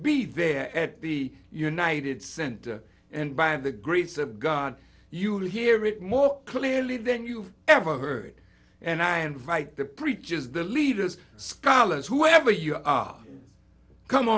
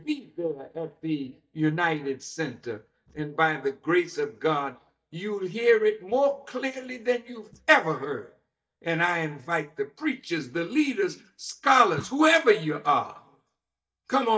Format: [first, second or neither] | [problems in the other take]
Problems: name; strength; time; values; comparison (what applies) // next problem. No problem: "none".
first | noise reduction (neural mask model DeepFilterNet 3)